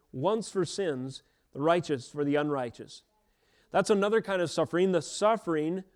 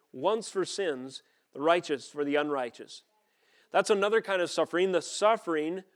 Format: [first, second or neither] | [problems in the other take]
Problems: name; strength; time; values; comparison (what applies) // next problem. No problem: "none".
first | thin; very slightly; fading below 300 Hz